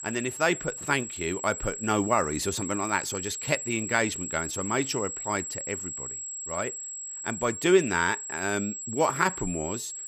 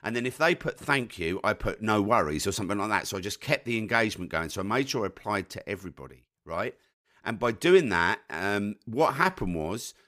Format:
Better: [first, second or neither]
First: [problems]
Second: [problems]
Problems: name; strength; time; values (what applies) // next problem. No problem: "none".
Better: second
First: high-pitched whine; loud; throughout; 7.5 kHz, 6 dB below the speech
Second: none